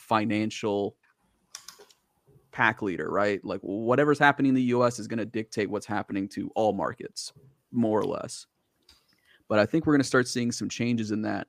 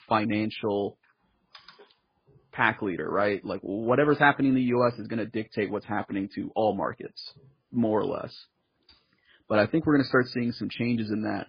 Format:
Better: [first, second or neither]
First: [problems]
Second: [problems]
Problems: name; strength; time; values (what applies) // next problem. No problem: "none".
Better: first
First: none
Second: garbled, watery; badly; nothing above 5 kHz